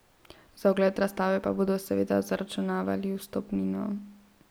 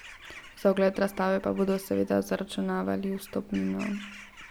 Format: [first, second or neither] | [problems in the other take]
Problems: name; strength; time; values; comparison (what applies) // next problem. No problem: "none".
first | background sound (Bird vocalization, bird call, bird song / Crow); 20 dB below the speech